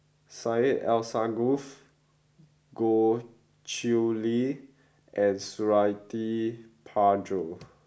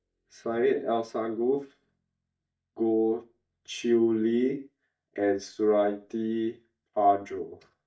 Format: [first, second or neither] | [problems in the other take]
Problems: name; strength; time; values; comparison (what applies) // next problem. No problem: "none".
first | noise reduction (neural mask model DeepFilterNet 3)